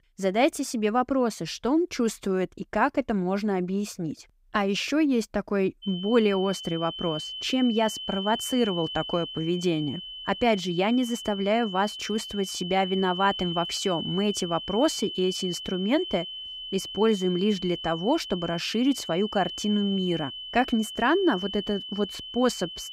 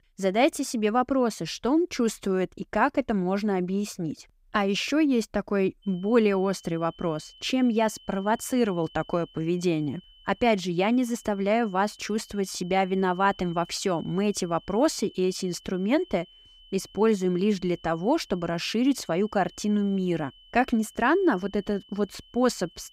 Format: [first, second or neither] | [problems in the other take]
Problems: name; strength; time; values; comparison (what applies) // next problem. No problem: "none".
second | high-pitched whine; loud; from 6 s on; 3 kHz, 8 dB below the speech; faint in the second